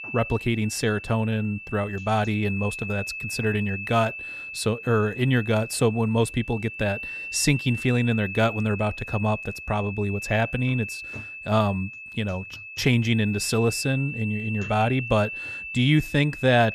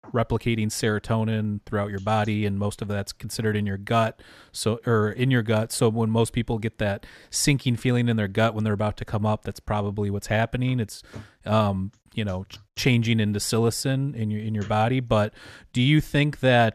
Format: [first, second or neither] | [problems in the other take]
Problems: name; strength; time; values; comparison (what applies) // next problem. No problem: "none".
second | high-pitched whine; loud; throughout; 2.5 kHz, 9 dB below the speech